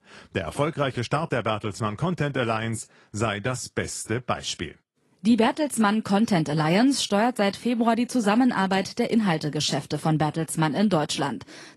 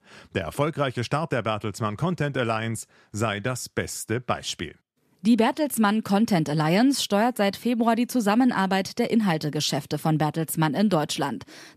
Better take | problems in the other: second | garbled, watery; slightly; nothing above 11.5 kHz

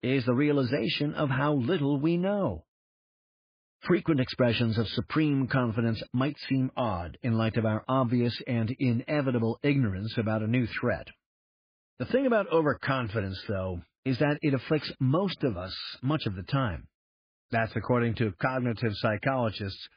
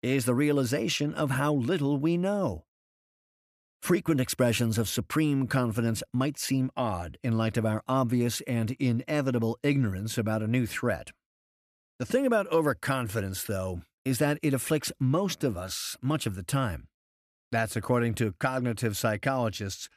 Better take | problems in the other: second | garbled, watery; badly; nothing above 5 kHz

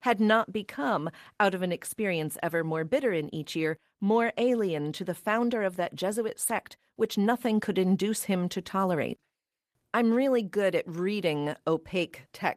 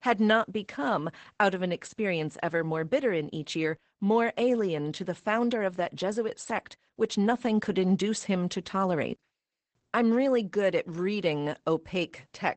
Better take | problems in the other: first | garbled, watery; badly; nothing above 8 kHz; slightly in the first

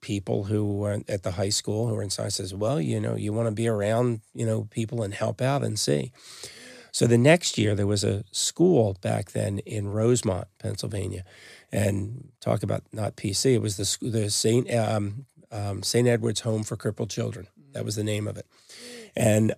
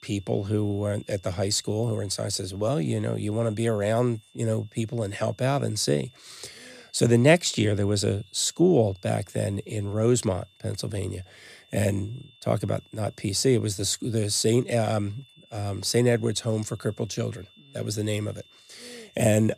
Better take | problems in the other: first | high-pitched whine; faint; throughout; 3.5 kHz, 30 dB below the speech

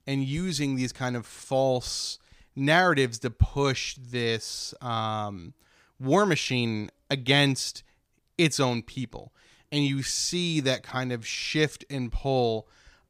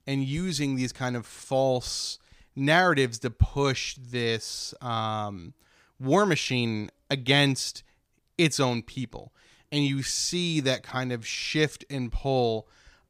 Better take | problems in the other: neither | none

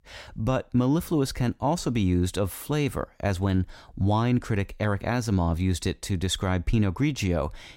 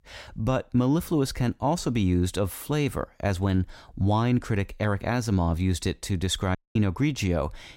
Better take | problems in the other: first | audio cutting out; at 6.5 s

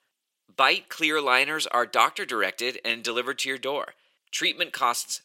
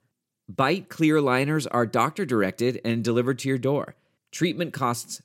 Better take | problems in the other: second | thin; very; fading below 700 Hz

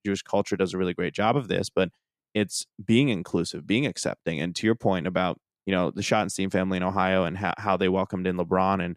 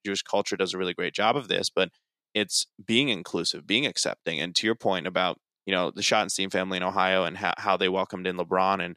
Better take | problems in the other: first | thin; very slightly; fading below 950 Hz

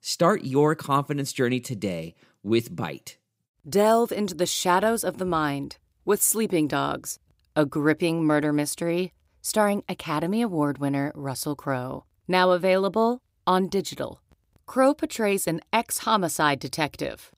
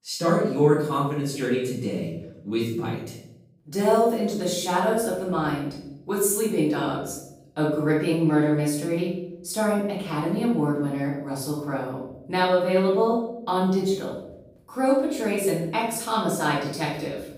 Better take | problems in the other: first | room echo; noticeable; dies away in 0.8 s // off-mic speech; far

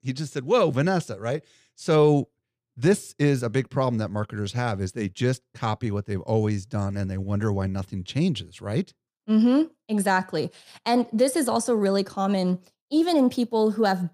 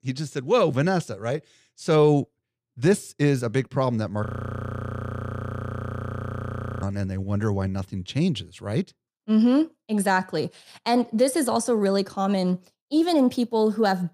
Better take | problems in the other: first | audio freezing; at 4.5 s for 2.5 s

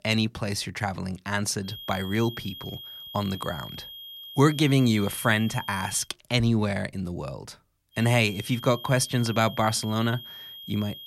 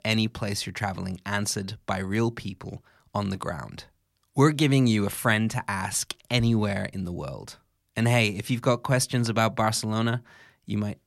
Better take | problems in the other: second | high-pitched whine; noticeable; from 1.5 to 6 s and from 8 s on; 3.5 kHz, 15 dB below the speech

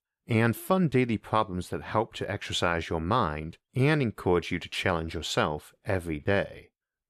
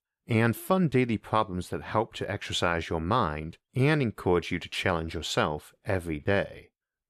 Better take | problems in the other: neither | none

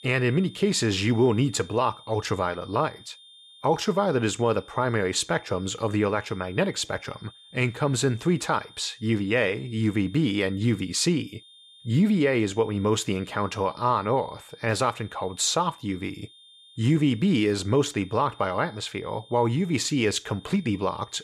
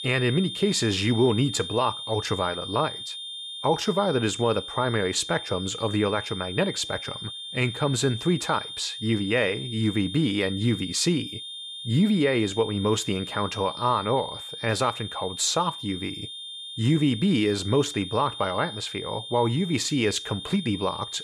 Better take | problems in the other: first | high-pitched whine; loud; throughout; 3.5 kHz, 9 dB below the speech; faint in the first

